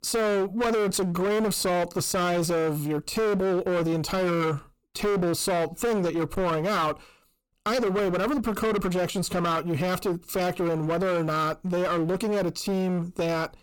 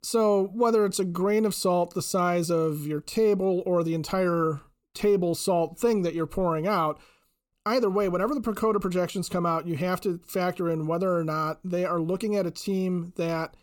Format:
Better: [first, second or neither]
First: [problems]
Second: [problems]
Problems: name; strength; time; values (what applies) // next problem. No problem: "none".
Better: second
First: distortion; heavy; 29% of the sound clipped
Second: none